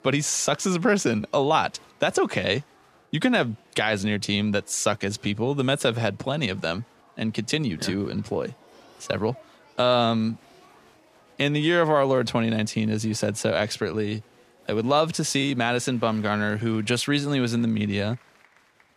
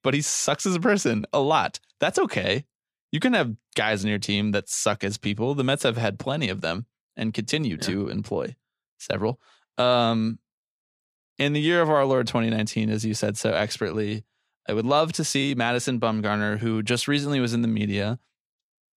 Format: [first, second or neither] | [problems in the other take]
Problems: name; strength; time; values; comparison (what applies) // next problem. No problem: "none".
second | crowd noise; faint; throughout; 30 dB below the speech